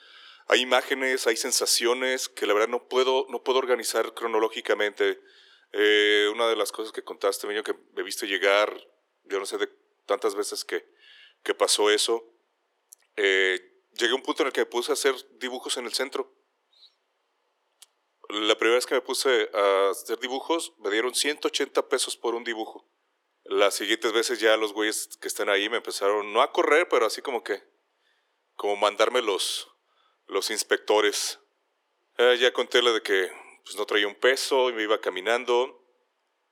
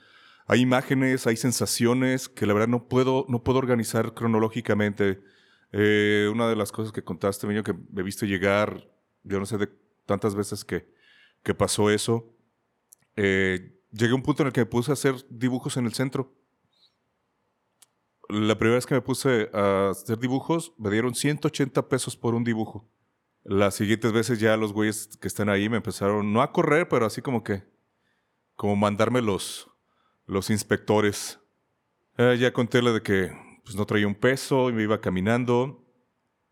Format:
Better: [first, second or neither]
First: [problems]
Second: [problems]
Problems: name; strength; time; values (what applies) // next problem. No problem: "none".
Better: second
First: thin; very; fading below 350 Hz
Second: none